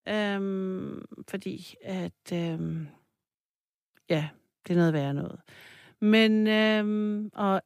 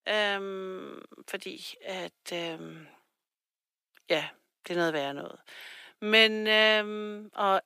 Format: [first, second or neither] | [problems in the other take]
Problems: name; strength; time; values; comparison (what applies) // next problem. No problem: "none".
first | thin; very; fading below 500 Hz